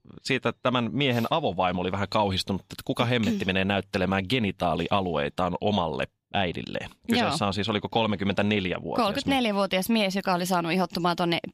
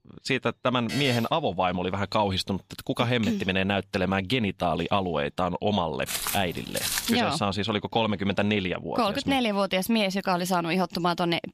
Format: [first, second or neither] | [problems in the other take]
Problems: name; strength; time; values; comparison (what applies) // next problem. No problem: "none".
first | alarm; noticeable; at 1 s; peak 6 dB below the speech // footsteps; noticeable; from 6 to 7 s; peak level with the speech